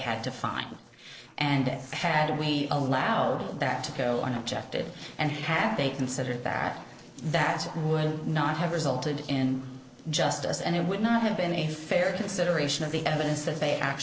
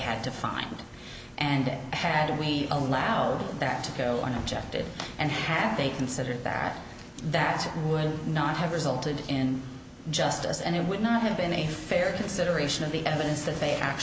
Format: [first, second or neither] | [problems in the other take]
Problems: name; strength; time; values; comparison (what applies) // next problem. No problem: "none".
second | noise reduction (neural separator model SepFormer DNS4)